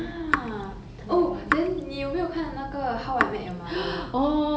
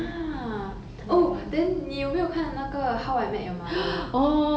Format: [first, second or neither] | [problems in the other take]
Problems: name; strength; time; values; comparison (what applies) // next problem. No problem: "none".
second | background sound (Raindrop / Drip); 5 dB below the speech